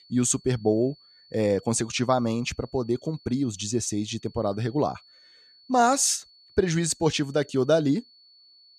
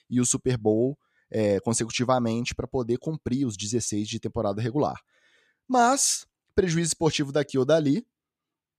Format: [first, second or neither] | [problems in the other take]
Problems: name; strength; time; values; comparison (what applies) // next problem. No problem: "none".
second | high-pitched whine; faint; throughout; 4.5 kHz, 25 dB below the speech